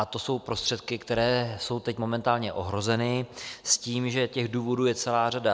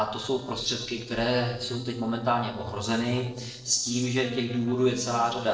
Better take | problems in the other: first | noise reduction (neural separator model SepFormer DNS4)

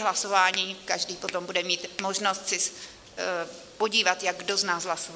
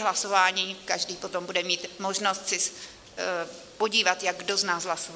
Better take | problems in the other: second | background sound (Finger snapping); 12 dB below the speech

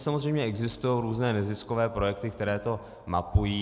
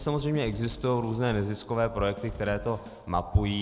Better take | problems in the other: first | background sound (Drum / Drum kit); 16 dB below the speech

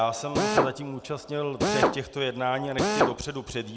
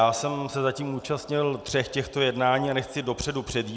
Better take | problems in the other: second | background sound (Drill); 4 dB above the speech

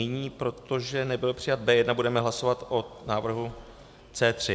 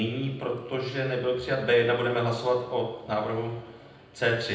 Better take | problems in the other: first | room echo; dies away in 0.8 s

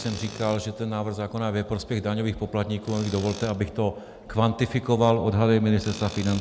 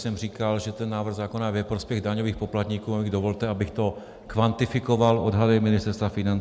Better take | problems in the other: second | background sound (Tools); 20 dB below the speech

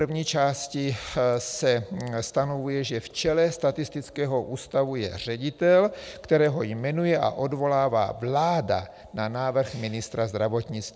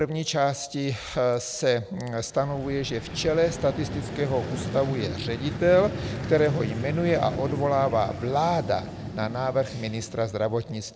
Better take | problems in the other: first | background sound (Vehicle); 9 dB below the speech

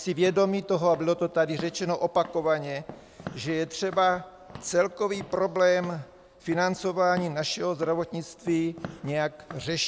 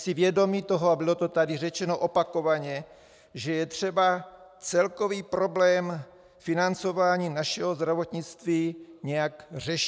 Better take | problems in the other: second | background sound (Walk, footsteps / Siren); 19 dB below the speech

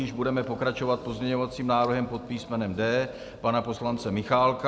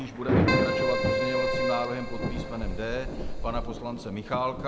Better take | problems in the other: first | background sound (Thunder / Rain + Keyboard (musical)); 5 dB above the speech

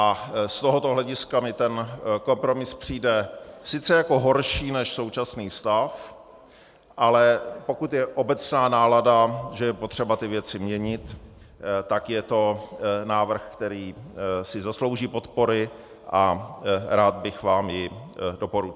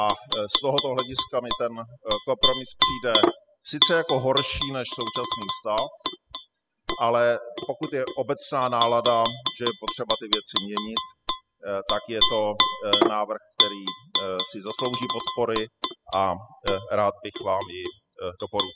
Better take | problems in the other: first | noise reduction (classical method spectral subtraction)

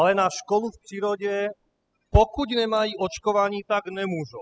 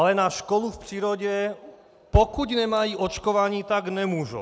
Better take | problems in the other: second | noise reduction (classical method spectral subtraction)

